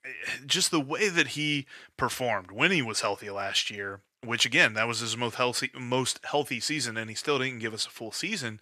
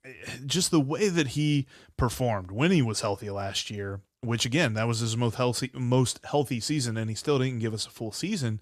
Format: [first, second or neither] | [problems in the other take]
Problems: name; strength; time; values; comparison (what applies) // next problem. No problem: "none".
second | thin; somewhat; fading below 850 Hz